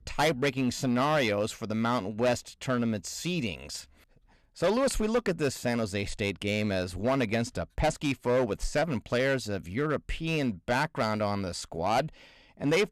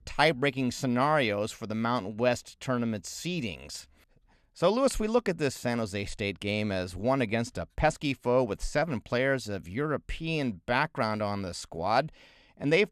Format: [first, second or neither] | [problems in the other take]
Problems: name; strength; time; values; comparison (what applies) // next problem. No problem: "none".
second | distortion; slight; 6% of the sound clipped